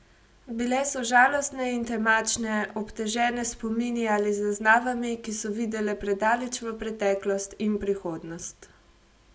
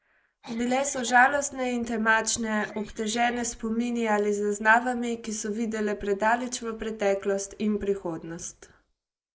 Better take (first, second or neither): first